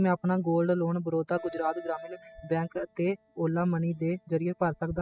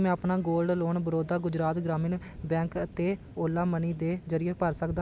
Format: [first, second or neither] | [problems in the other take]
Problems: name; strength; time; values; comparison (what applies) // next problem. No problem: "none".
second | noise reduction (classical method spectral subtraction)